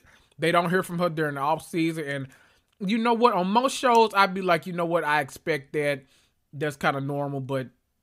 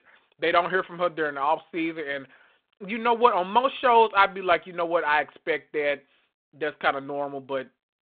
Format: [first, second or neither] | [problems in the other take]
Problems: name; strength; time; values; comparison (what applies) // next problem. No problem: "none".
first | phone-call audio; nothing above 3.5 kHz